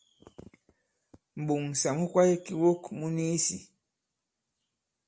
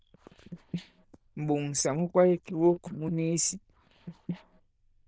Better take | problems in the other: first | noise reduction (neural diffusion model UNIVERSE++)

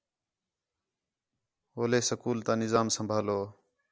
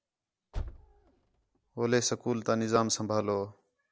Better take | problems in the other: first | background sound (Car); 11 dB below the speech

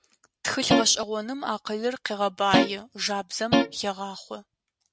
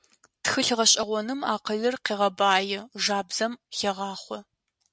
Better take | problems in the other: second | background sound (Guitar); 5 dB above the speech

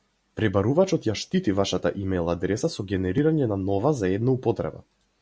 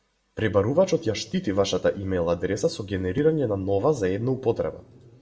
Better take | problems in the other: first | room echo; dies away in 0.9 s

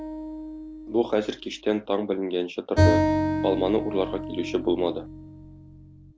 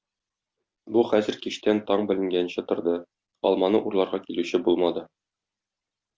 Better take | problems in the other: second | background sound (Bowed string instrument + Acoustic guitar); as loud as the speech

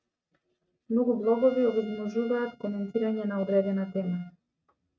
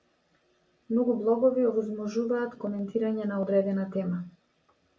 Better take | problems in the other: second | noise reduction (neural mask model RNNoise)

